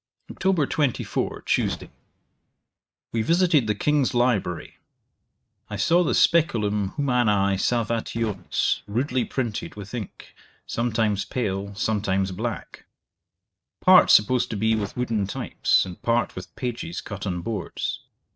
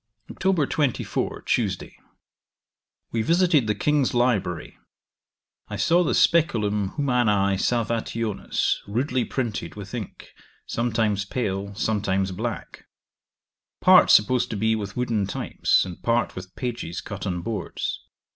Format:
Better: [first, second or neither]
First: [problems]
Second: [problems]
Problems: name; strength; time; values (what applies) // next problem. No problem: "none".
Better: second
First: noise reduction (neural mask model RNNoise)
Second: none